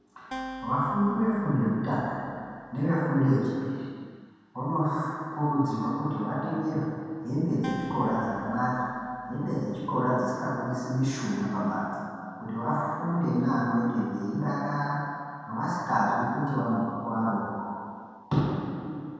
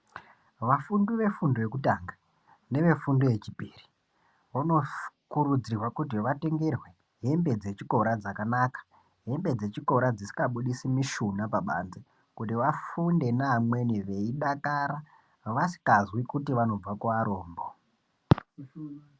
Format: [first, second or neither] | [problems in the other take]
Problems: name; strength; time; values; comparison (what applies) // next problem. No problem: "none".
second | background sound (Acoustic guitar); 16 dB below the speech // room echo; dies away in 2.1 s